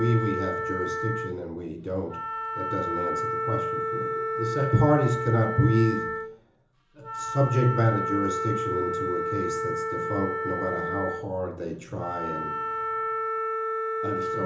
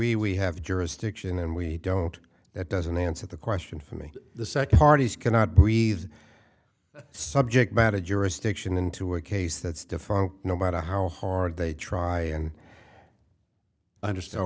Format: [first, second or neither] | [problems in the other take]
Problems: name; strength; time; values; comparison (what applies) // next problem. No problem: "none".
second | background sound (Wind instrument, woodwind instrument); 2 dB below the speech // room echo; dies away in 0.6 s